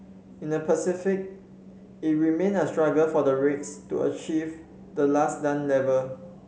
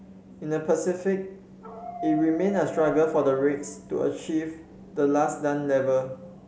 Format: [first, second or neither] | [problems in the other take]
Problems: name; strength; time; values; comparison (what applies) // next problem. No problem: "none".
first | background sound (Dog); 13 dB below the speech